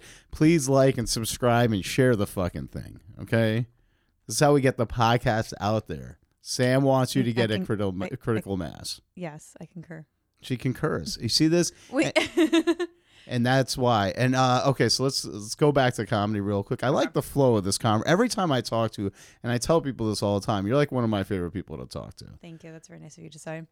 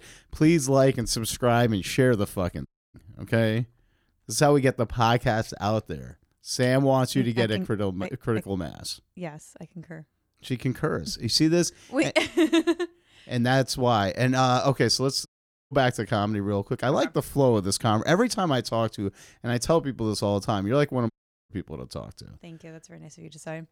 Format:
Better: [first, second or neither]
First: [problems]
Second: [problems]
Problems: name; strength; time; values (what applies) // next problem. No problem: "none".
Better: first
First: none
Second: audio cutting out; at 2.5 s, at 15 s and at 21 s